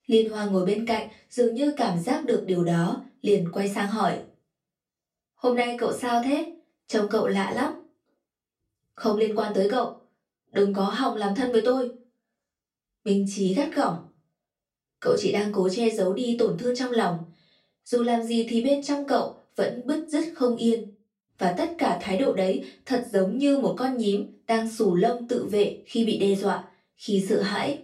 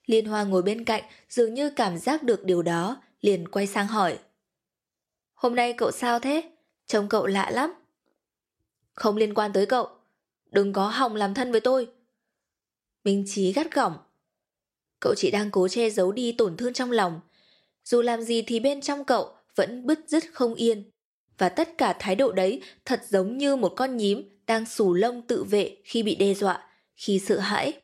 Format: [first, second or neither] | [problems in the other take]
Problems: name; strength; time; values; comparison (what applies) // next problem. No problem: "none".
second | off-mic speech; far // room echo; very slight; dies away in 0.2 s